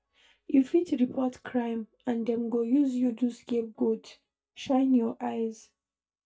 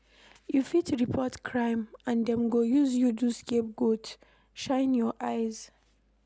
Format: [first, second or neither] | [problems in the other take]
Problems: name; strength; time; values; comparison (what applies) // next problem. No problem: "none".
second | noise reduction (neural mask model DeepFilterNet 3)